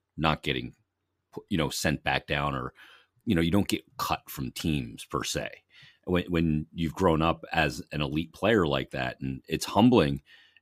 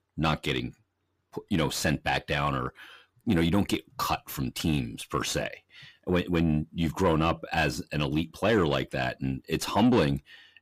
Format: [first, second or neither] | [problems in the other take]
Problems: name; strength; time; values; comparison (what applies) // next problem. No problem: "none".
first | distortion; slight; 10 dB below the speech